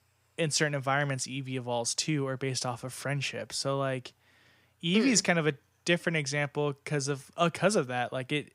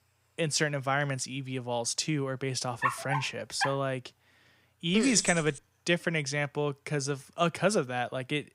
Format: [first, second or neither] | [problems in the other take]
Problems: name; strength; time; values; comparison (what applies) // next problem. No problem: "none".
first | dog barking; noticeable; at 3 s; peak 1 dB below the speech // jangling keys; noticeable; at 5 s; peak 2 dB below the speech